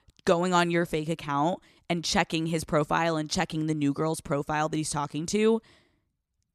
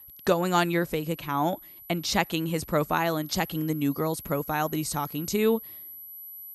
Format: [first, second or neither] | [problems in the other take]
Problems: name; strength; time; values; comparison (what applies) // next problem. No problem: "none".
first | high-pitched whine; noticeable; throughout; 12 kHz, 15 dB below the speech